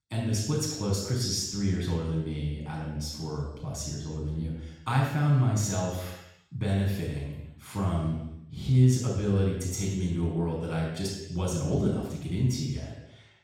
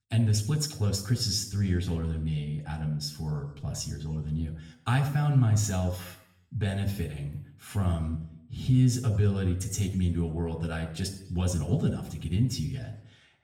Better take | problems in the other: second | room echo; strong; dies away in 0.9 s; slight in the second // off-mic speech; far; somewhat distant in the second

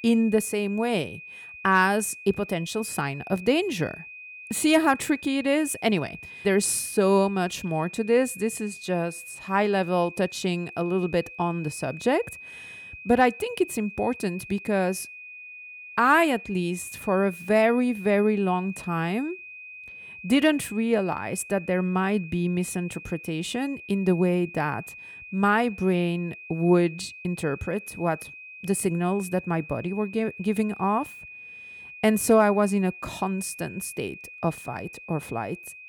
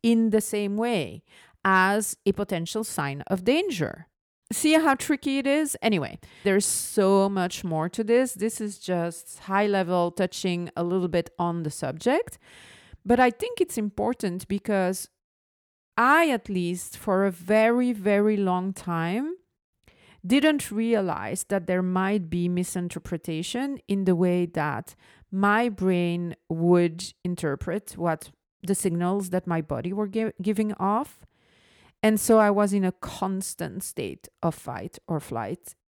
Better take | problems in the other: second | high-pitched whine; noticeable; throughout; 2.5 kHz, 15 dB below the speech

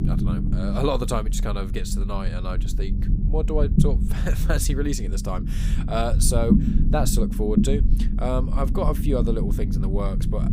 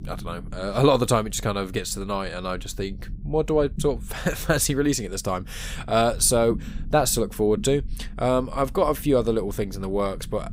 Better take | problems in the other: second | low rumble; loud; throughout; 6 dB below the speech; faint in the second

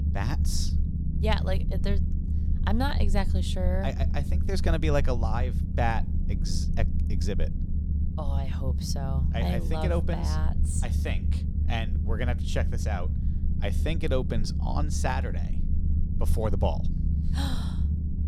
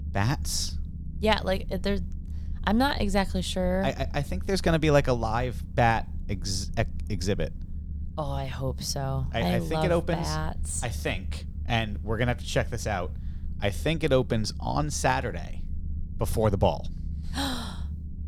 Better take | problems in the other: second | low rumble; loud; throughout; 9 dB below the speech; faint in the second

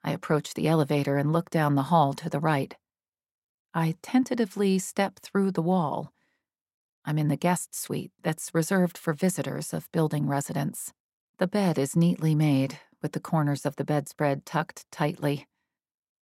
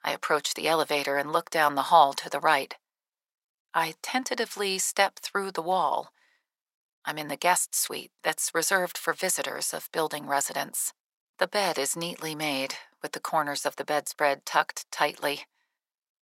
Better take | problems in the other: first | thin; very; fading below 750 Hz

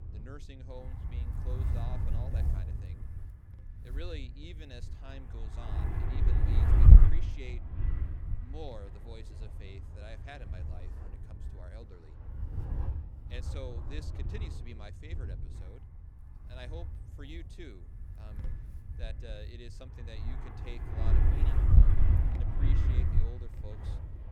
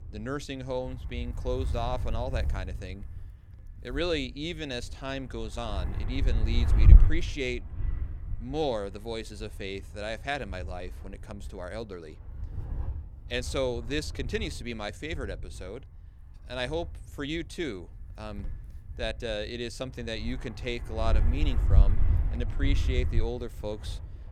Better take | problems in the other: second | wind noise on the microphone; heavy; 4 dB above the speech; occasional gusts in the second

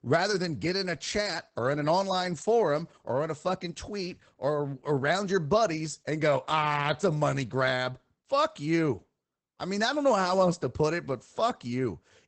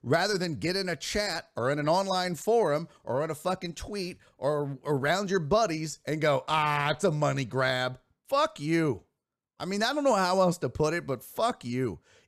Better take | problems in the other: second | garbled, watery; badly; nothing above 8 kHz

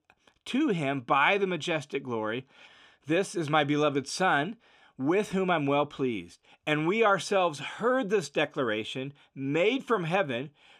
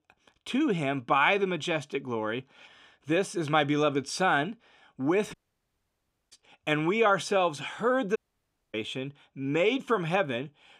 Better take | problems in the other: first | audio cutting out; at 5.5 s for 1 s and at 8 s for 0.5 s

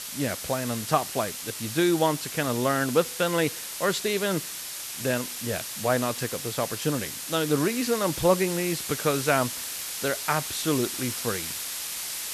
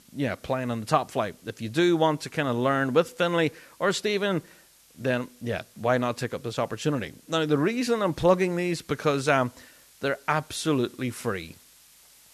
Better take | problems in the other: second | hiss; loud; throughout; 5 dB below the speech; faint in the second

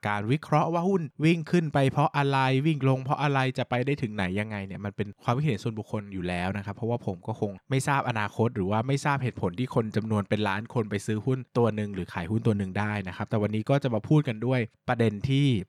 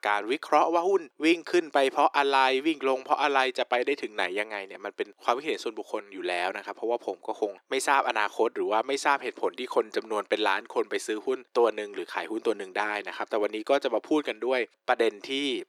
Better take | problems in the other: first | thin; very; fading below 350 Hz

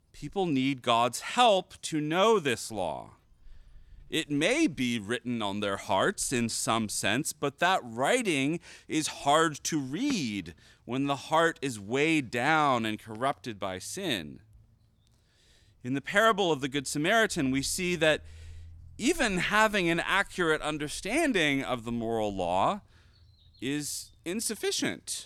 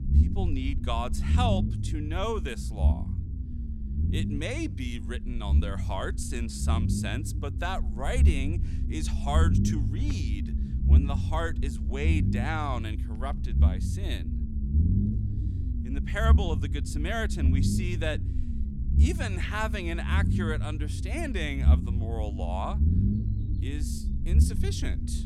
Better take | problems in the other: first | low rumble; loud; throughout; 7 dB below the speech

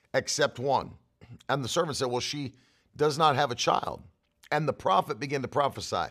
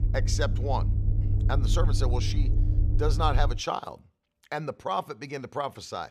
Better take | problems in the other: first | low rumble; noticeable; until 3.5 s; 10 dB below the speech

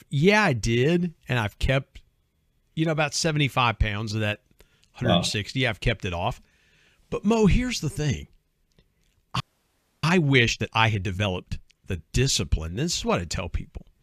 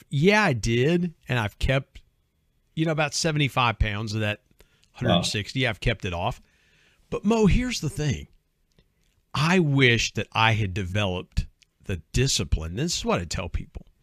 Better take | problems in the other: second | audio freezing; at 9.5 s for 0.5 s

